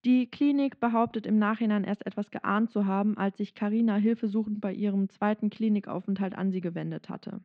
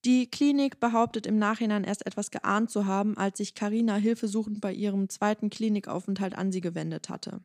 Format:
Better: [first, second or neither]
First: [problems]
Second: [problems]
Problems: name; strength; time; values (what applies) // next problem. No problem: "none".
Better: second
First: muffled; very; fading above 3 kHz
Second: none